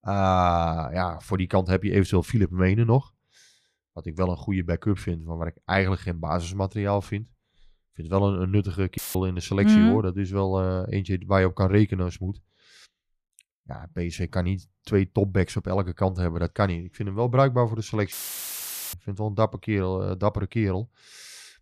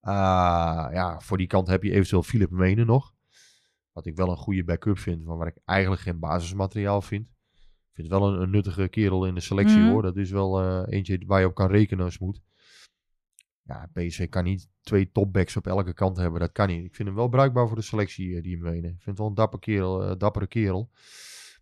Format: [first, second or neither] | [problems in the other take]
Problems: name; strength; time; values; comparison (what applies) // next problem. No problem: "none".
second | audio cutting out; filled with static; at 9 s and at 18 s for 1 s